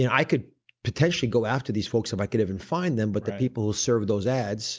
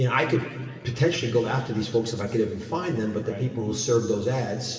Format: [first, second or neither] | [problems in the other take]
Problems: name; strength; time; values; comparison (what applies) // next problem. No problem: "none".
first | room echo; dies away in 2.7 s